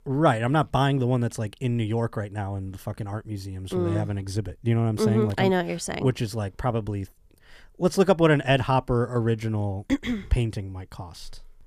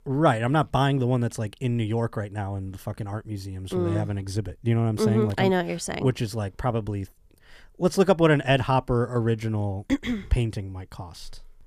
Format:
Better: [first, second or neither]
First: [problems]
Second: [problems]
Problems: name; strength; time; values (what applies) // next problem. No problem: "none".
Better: neither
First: none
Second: none